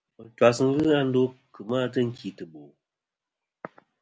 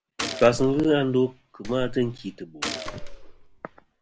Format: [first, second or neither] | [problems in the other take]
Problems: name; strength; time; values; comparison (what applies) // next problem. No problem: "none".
first | background sound (Clapping + Gunshot, gunfire); 10 dB below the speech